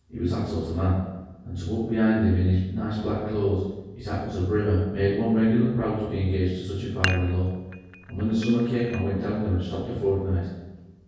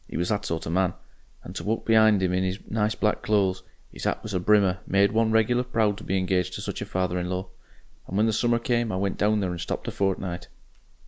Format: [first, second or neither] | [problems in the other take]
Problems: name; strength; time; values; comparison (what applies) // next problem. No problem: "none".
second | background sound (Dishes, pots, and pans); 12 dB below the speech // room echo; dies away in 1.3 s